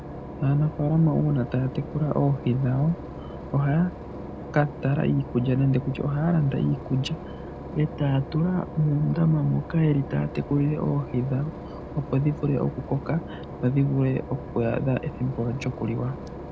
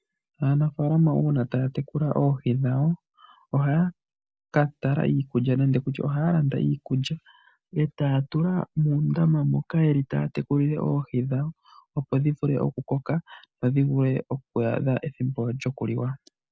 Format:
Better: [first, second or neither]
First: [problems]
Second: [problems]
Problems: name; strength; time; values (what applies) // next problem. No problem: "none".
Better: second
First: background sound (Engine / Boat, Water vehicle); 12 dB below the speech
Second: none